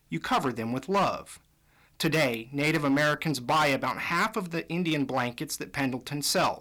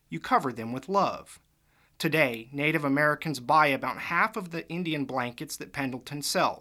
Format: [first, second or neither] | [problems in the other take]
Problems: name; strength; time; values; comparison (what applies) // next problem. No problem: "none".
second | distortion; heavy; 7% of the sound clipped